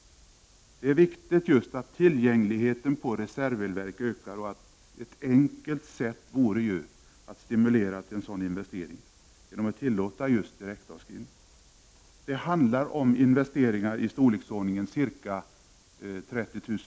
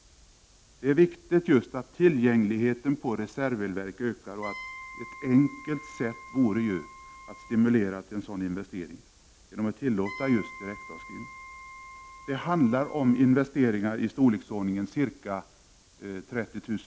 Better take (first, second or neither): first